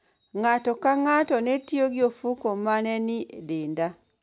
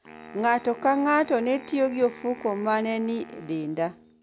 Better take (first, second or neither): first